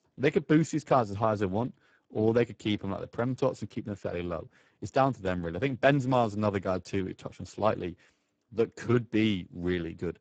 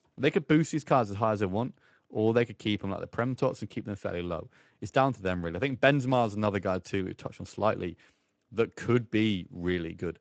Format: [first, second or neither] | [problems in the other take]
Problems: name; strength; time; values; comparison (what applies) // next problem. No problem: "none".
second | garbled, watery; badly; nothing above 7.5 kHz; slightly in the second